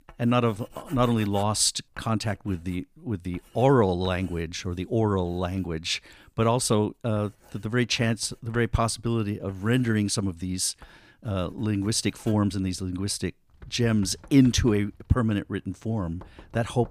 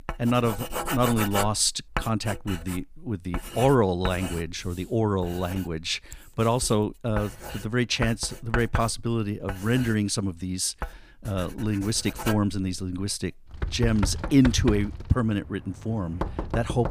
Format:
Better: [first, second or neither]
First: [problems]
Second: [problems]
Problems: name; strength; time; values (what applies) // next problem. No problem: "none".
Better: first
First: household noises; faint; throughout; 25 dB below the speech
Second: household noises; loud; throughout; 8 dB below the speech